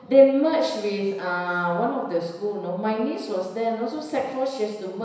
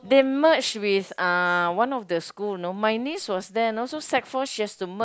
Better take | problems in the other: second | room echo; dies away in 1 s

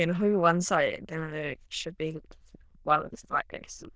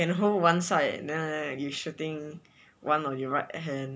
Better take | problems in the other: second | noise reduction (neural diffusion model UNIVERSE++)

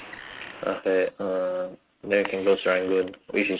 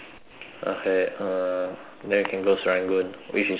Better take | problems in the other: second | noise reduction (neural mask model RNNoise)

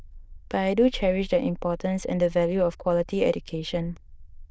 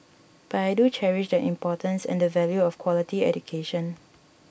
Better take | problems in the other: second | noise reduction (neural diffusion model UNIVERSE++)

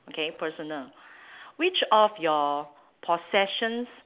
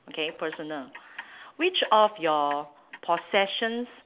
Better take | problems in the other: first | background sound (Clock); 19 dB below the speech

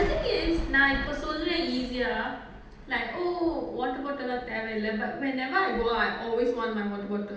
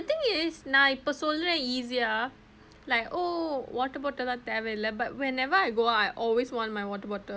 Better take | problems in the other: second | background sound (Thunder); 11 dB below the speech // room echo; dies away in 0.8 s

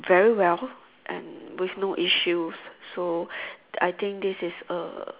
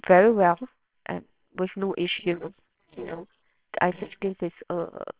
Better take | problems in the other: first | noise reduction (neural separator model SepFormer WHAMR!)

